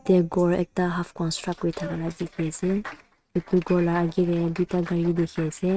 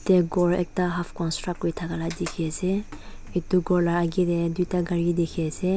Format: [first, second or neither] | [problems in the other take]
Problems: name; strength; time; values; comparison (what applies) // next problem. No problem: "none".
second | noise reduction (neural mask model RNNoise)